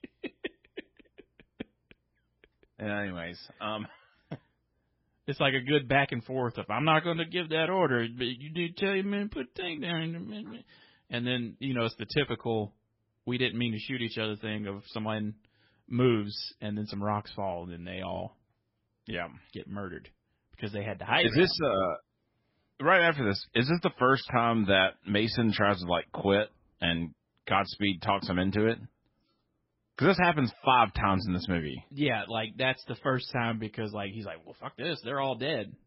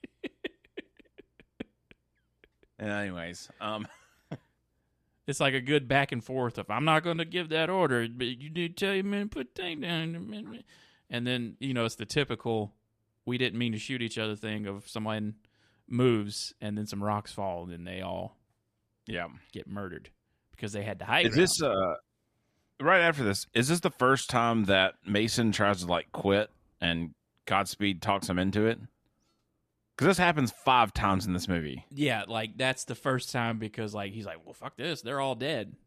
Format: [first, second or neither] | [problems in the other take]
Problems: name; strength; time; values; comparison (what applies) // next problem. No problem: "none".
second | garbled, watery; badly; nothing above 5.5 kHz